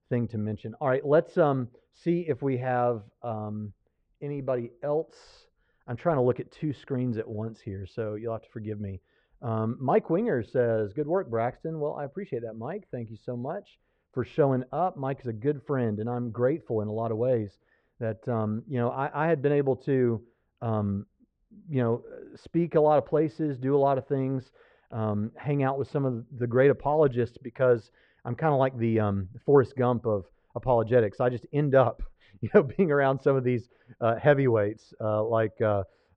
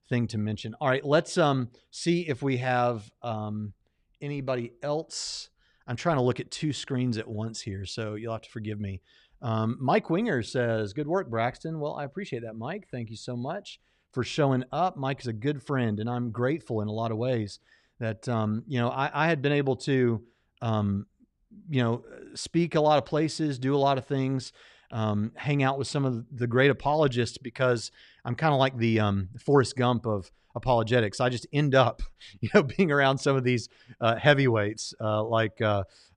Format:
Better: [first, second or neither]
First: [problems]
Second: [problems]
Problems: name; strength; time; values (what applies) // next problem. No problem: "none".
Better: second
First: muffled; very; fading above 3 kHz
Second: none